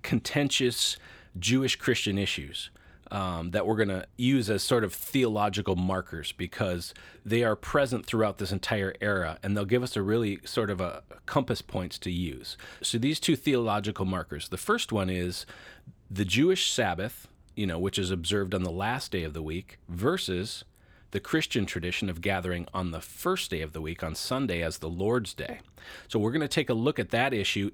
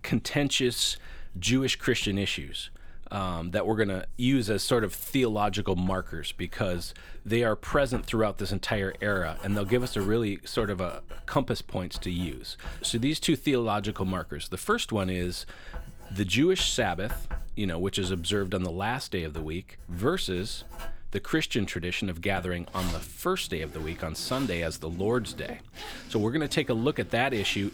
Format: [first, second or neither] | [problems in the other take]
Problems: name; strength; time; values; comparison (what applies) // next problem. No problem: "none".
first | household noises; noticeable; throughout; 20 dB below the speech